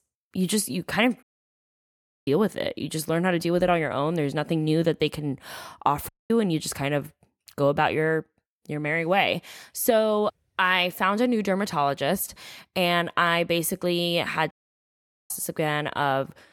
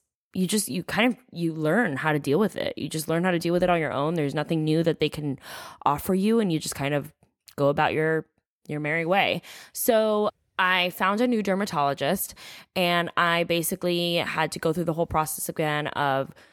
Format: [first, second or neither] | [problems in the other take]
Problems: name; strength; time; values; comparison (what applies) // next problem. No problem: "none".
second | audio cutting out; at 1 s for 1 s, at 6 s and at 15 s for 1 s